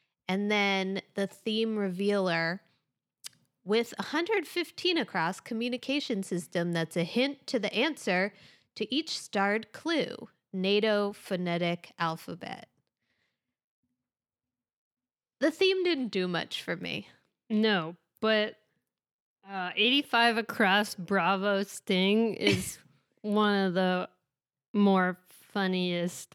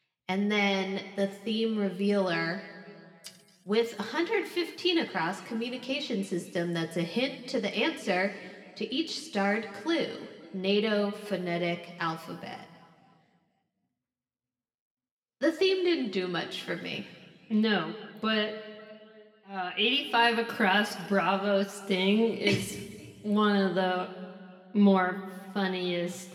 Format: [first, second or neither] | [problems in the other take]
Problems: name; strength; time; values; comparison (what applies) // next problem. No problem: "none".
first | room echo; slight; dies away in 1.7 s